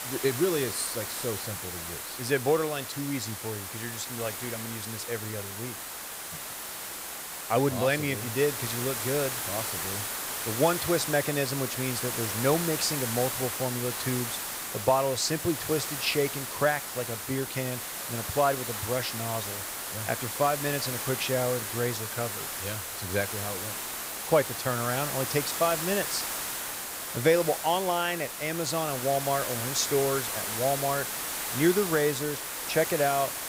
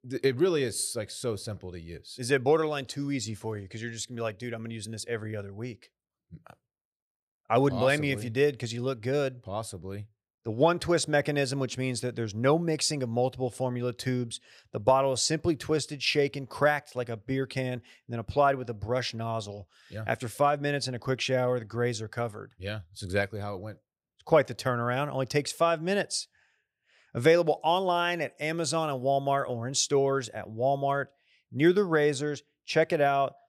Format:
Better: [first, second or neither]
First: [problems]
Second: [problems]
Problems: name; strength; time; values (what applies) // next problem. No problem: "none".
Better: second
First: hiss; loud; throughout; 3 dB below the speech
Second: none